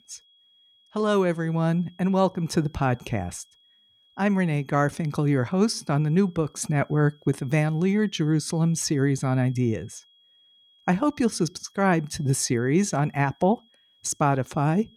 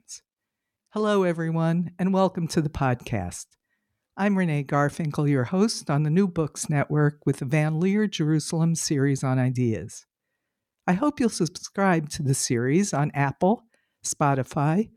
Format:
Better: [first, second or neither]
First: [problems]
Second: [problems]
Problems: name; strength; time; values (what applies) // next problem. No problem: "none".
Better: second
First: high-pitched whine; faint; throughout; 3.5 kHz, 35 dB below the speech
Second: none